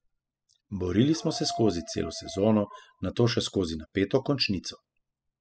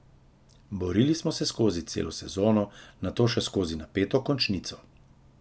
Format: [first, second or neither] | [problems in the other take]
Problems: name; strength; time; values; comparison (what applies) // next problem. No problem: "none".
second | noise reduction (classical method spectral subtraction)